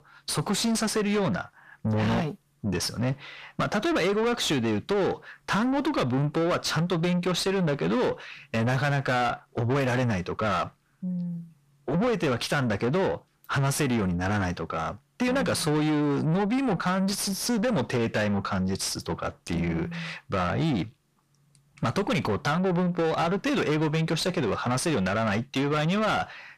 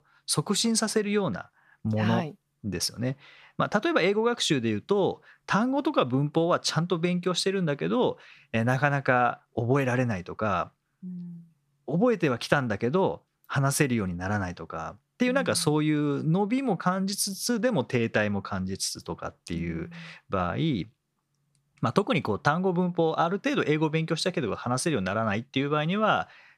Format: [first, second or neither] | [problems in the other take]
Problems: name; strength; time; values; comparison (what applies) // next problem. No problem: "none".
second | distortion; heavy; 7 dB below the speech